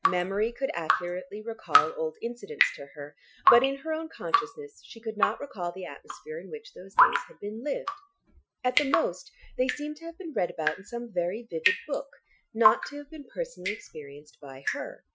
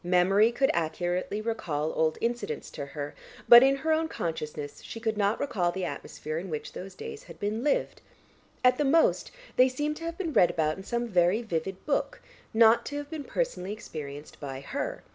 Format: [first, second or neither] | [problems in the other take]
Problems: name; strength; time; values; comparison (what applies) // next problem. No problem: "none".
second | noise reduction (classical method Wiener filter)